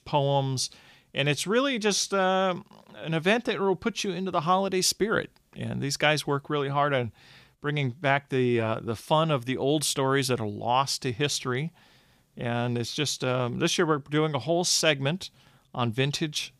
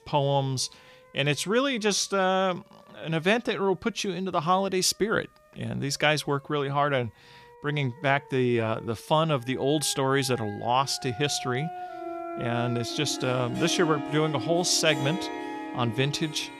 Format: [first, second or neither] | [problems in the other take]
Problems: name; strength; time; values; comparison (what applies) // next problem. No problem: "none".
first | background music; noticeable; throughout; 10 dB below the speech